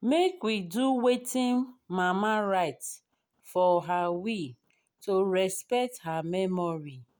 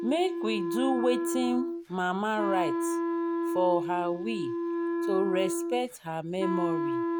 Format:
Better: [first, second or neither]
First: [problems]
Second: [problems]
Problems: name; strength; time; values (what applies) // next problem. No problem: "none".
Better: first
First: none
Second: background sound (Wind instrument, woodwind instrument); as loud as the speech